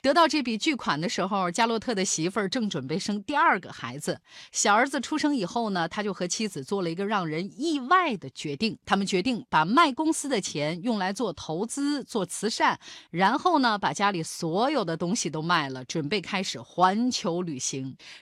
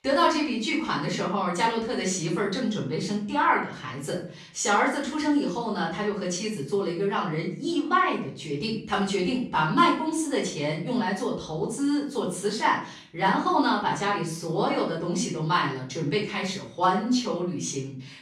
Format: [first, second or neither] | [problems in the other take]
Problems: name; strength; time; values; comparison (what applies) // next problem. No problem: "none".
first | off-mic speech; far // room echo; noticeable; dies away in 0.5 s